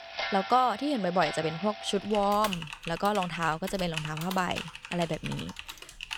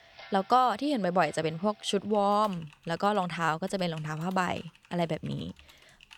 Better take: second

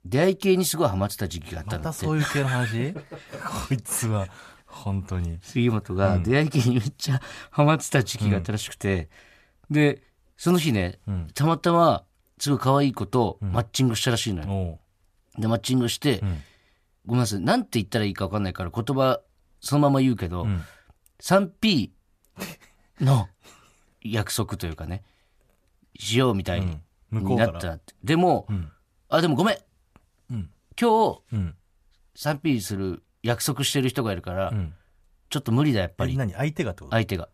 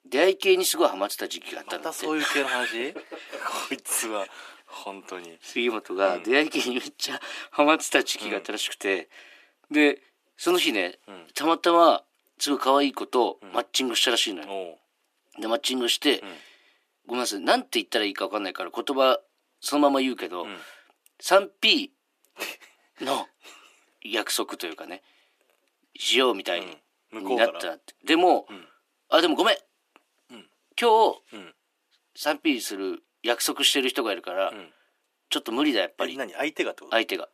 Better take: first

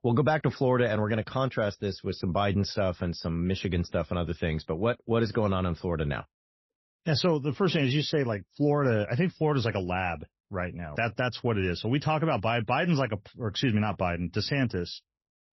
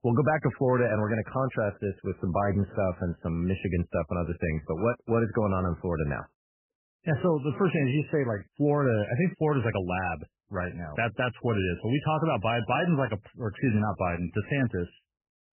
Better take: first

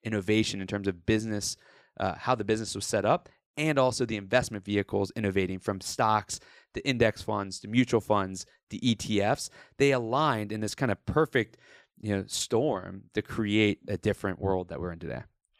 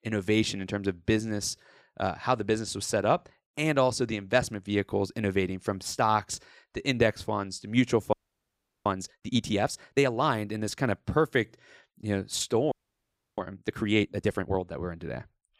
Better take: first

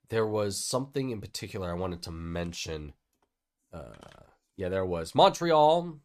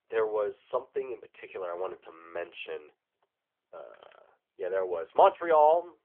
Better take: first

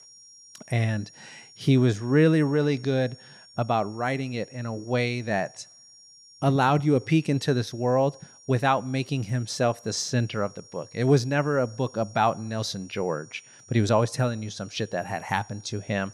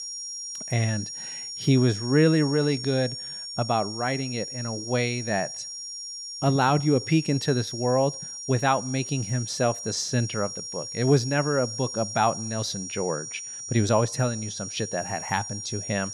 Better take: first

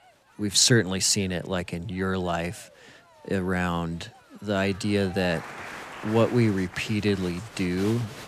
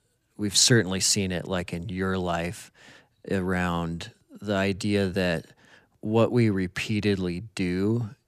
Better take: second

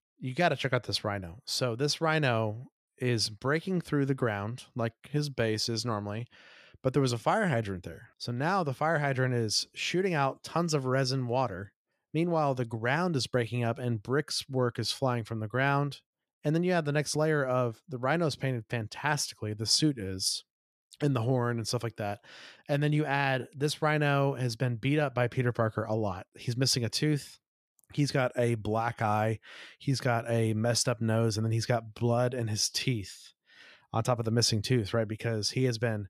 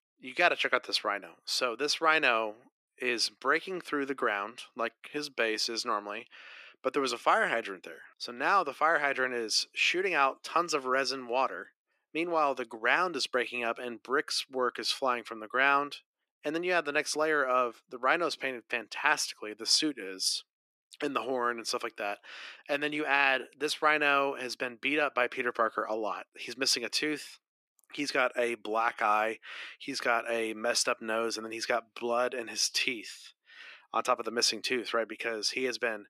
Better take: first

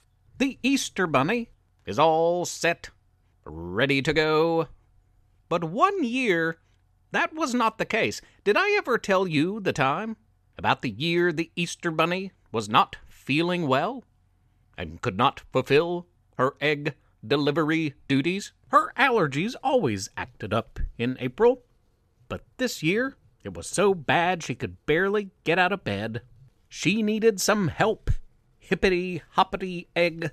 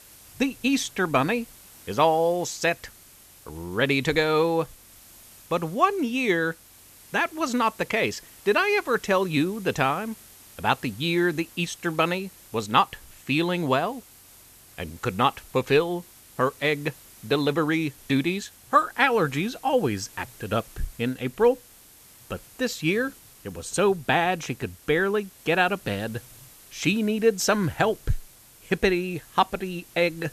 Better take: first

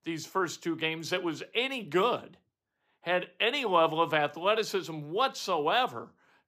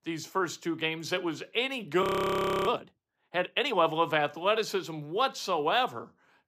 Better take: first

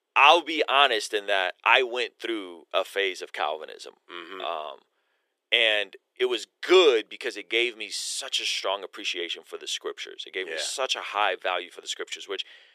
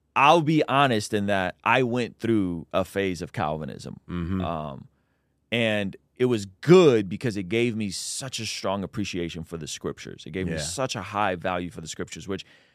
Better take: second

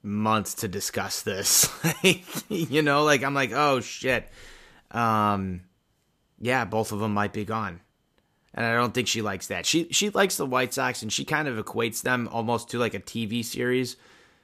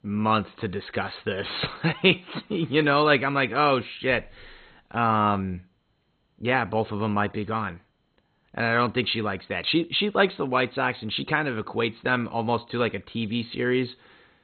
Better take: first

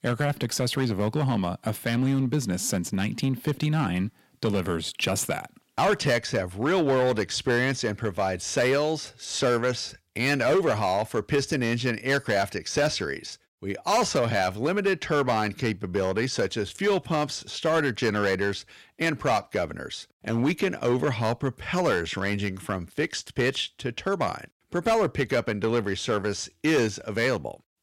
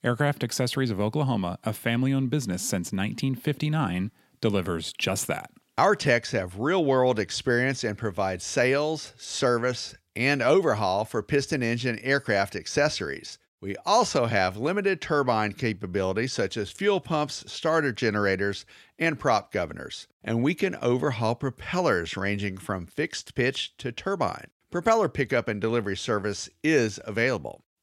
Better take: second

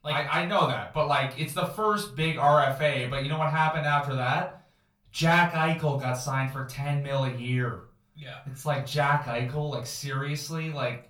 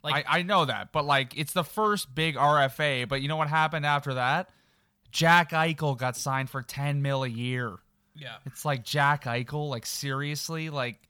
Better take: second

